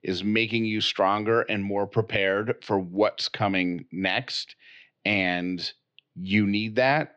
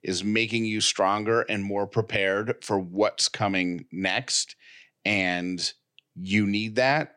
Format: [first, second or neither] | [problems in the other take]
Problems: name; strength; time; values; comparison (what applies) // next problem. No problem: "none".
second | muffled; very slightly; fading above 4 kHz